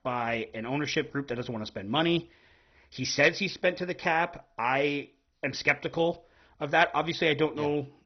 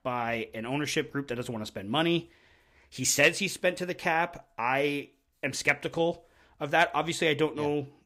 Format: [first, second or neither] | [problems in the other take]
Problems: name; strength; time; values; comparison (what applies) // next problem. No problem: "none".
second | garbled, watery; badly; nothing above 6 kHz